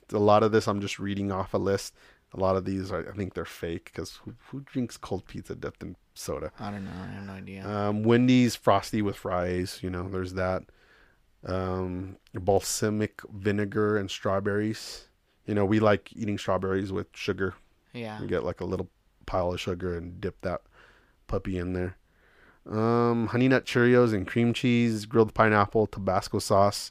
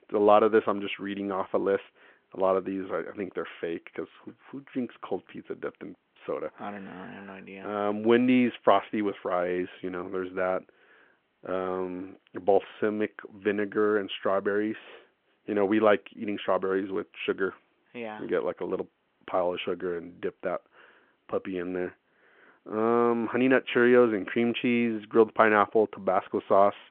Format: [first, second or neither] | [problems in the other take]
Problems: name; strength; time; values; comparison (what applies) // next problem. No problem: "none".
first | phone-call audio